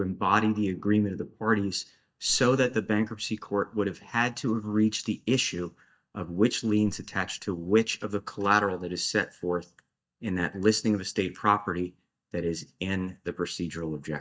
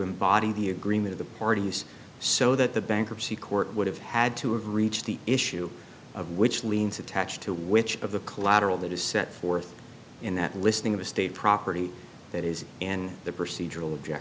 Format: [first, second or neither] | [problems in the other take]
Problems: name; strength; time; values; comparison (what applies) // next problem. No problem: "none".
second | noise reduction (neural mask model DeepFilterNet 3)